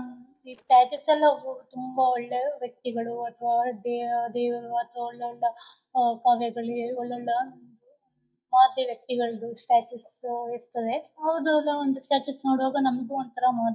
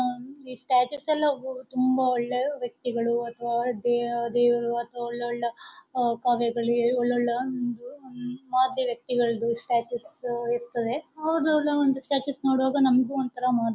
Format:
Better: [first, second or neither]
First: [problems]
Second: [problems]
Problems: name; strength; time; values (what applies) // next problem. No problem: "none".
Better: second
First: noise reduction (neural mask model DeepFilterNet 3)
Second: none